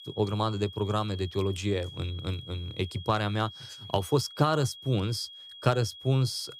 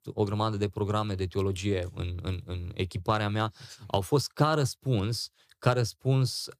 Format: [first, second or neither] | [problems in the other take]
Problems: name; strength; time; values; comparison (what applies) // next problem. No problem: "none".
second | high-pitched whine; noticeable; throughout; 3.5 kHz, 15 dB below the speech